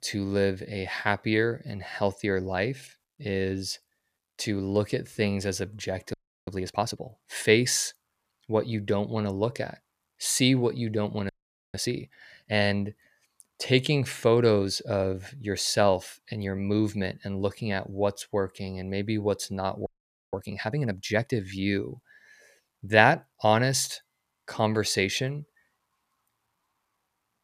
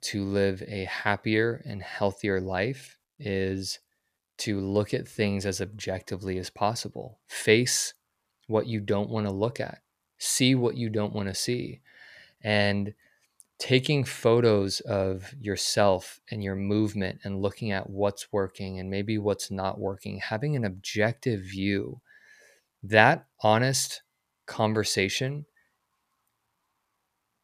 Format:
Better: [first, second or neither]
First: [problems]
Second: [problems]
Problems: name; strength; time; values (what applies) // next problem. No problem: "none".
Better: second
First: audio freezing; at 6 s, at 11 s and at 20 s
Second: none